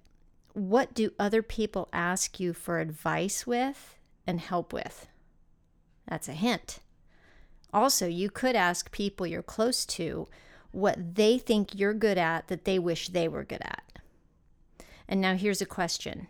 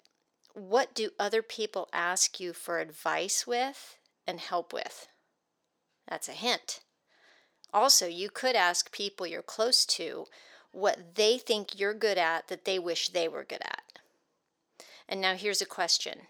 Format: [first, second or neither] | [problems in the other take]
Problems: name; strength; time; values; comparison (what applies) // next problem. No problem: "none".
first | thin; somewhat; fading below 500 Hz